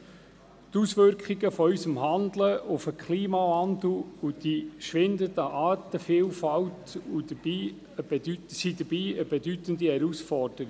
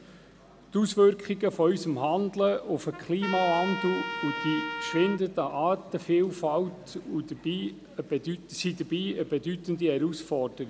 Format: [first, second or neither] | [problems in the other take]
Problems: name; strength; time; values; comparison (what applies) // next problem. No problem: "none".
first | background sound (Trumpet); 8 dB below the speech